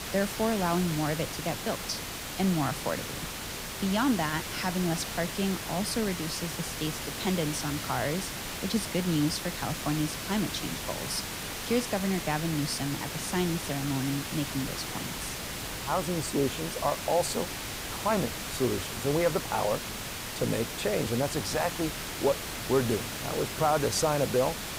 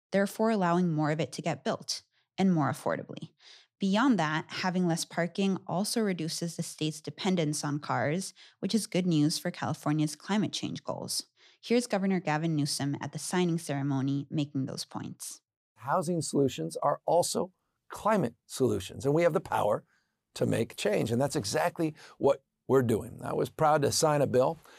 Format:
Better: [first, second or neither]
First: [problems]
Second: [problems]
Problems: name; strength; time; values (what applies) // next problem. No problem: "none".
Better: second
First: hiss; loud; throughout; 4 dB below the speech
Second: none